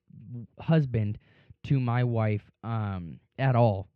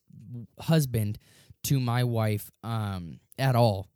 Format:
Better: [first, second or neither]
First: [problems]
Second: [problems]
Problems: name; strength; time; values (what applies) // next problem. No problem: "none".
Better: second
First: muffled; very; fading above 2.5 kHz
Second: none